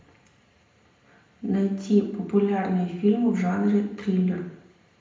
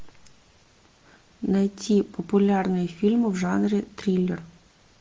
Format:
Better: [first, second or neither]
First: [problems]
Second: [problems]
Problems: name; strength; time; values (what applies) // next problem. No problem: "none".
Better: second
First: room echo; dies away in 0.7 s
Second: none